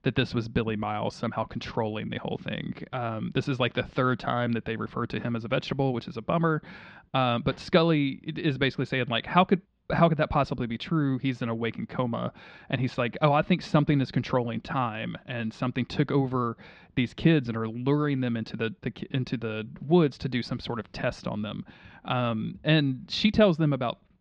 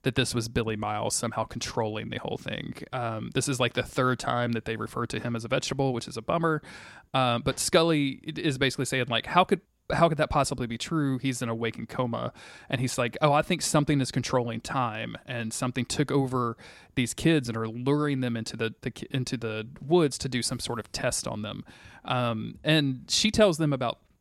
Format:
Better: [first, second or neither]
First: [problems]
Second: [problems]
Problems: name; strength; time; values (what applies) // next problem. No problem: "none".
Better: second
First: muffled; slightly; fading above 4 kHz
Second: none